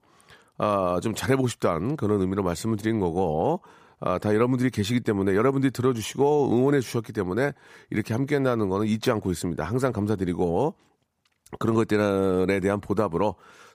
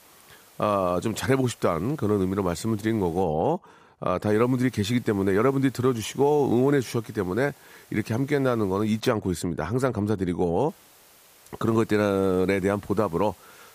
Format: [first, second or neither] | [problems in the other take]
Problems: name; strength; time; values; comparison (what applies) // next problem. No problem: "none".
first | hiss; faint; until 3 s, from 4.5 to 9 s and from 11 s on; 25 dB below the speech